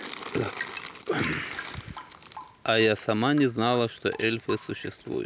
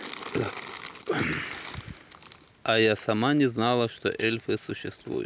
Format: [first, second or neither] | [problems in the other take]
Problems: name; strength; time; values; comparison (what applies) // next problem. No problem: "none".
second | background sound (Drip / Rain); 17 dB below the speech